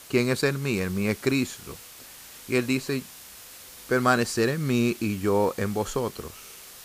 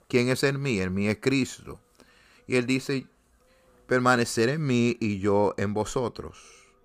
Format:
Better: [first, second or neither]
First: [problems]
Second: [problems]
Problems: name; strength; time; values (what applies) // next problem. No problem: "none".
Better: second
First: hiss; noticeable; throughout; 15 dB below the speech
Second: none